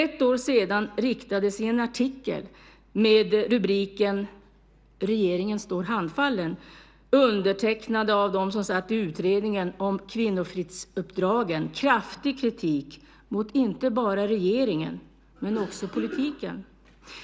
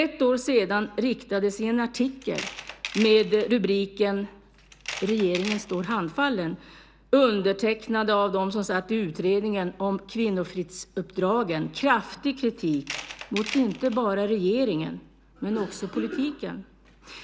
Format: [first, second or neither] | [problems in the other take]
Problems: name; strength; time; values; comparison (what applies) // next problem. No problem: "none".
first | background sound (Tools); 13 dB below the speech